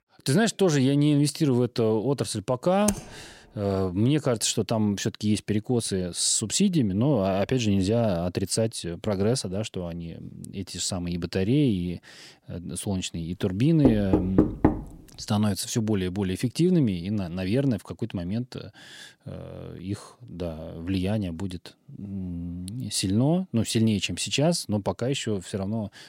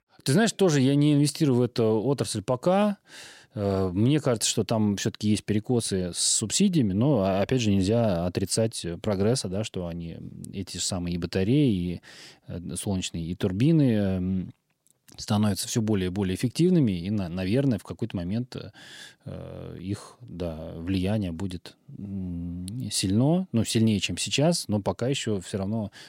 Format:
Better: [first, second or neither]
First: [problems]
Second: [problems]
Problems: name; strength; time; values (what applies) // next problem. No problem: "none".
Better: second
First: keyboard typing; noticeable; at 3 s; peak 6 dB below the speech // door banging; loud; at 14 s; peak 3 dB above the speech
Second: none